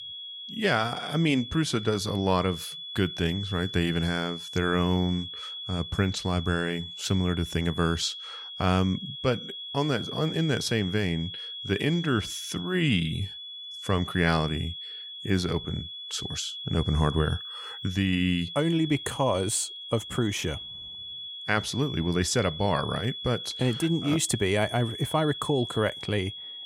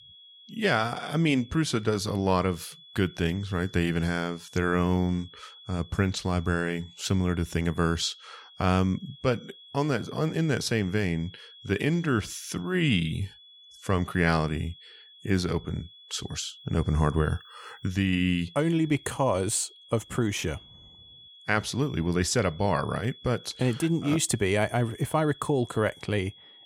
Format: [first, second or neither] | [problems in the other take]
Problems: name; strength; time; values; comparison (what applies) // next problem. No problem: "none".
second | high-pitched whine; loud; throughout; 3.5 kHz, 9 dB below the speech; faint in the second